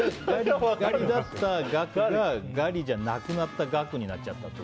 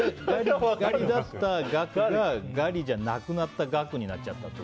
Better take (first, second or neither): second